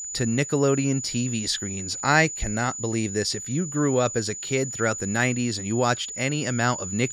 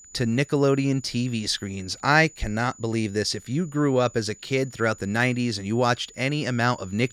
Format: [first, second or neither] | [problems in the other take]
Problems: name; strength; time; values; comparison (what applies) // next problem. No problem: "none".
second | high-pitched whine; loud; throughout; 7 kHz, 7 dB below the speech; faint in the second